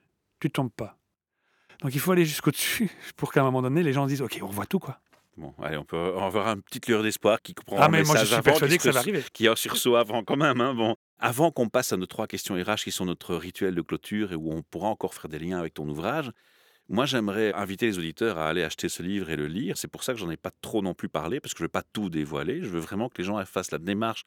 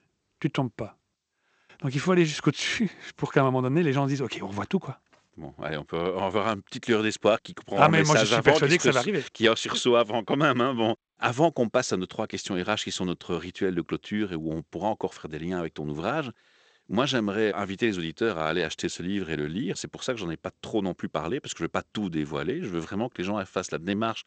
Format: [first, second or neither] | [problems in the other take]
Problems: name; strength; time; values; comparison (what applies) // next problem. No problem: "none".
first | garbled, watery; slightly; nothing above 8 kHz